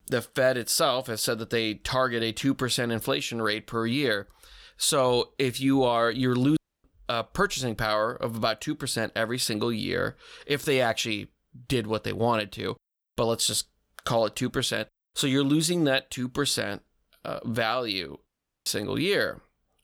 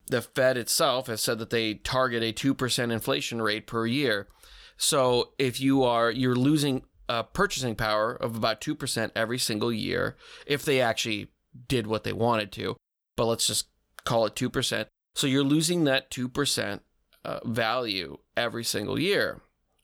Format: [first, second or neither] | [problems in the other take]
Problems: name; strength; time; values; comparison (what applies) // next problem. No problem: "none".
second | audio cutting out; at 6.5 s and at 18 s